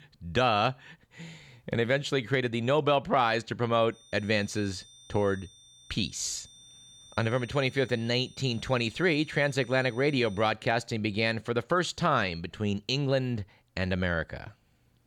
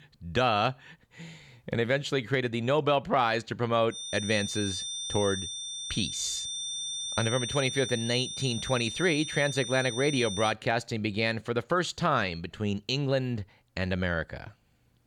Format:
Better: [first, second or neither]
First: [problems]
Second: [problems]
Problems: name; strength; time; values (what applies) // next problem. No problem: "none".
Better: first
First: high-pitched whine; faint; from 4 to 11 s; 3.5 kHz, 25 dB below the speech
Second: high-pitched whine; loud; from 4 to 11 s; 3.5 kHz, 5 dB below the speech